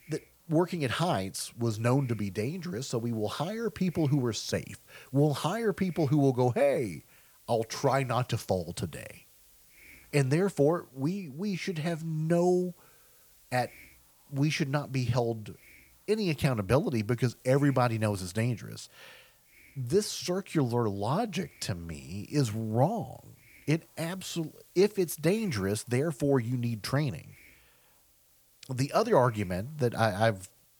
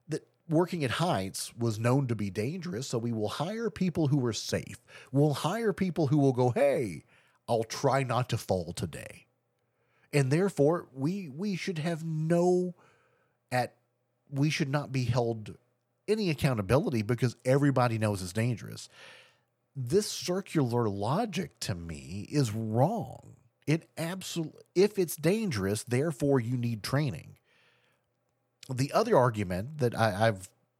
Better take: second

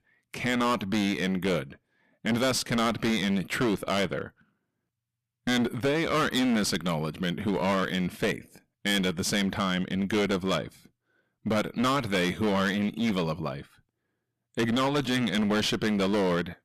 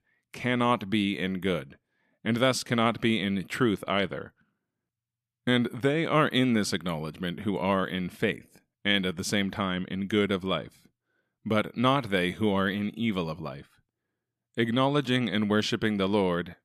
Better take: second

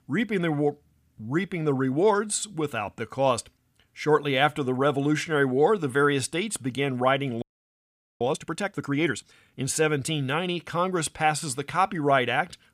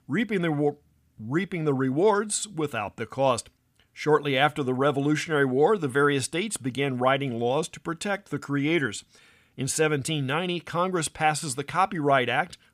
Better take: second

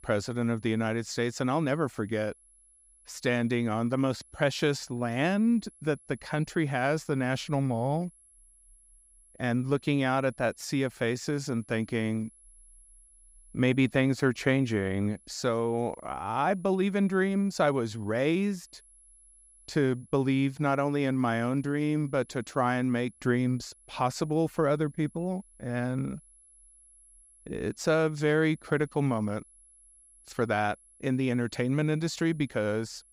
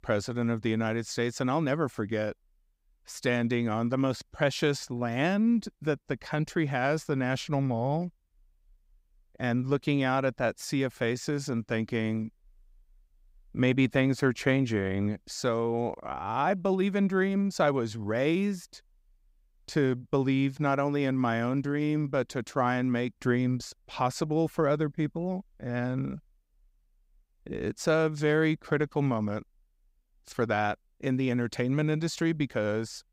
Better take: second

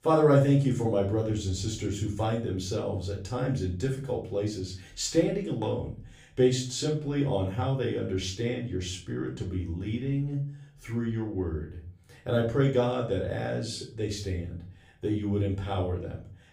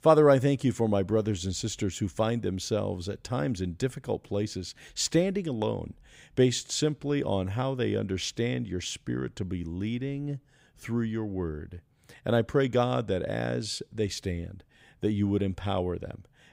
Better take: second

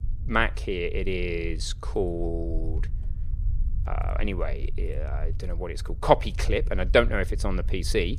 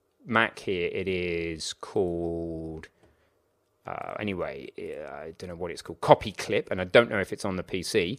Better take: second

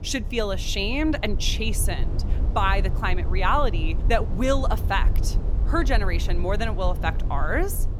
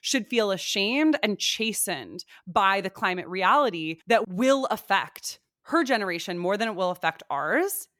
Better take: second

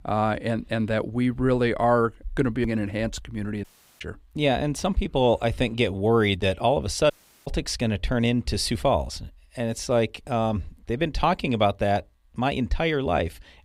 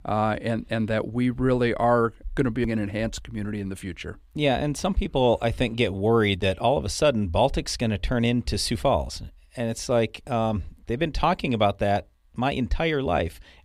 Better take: second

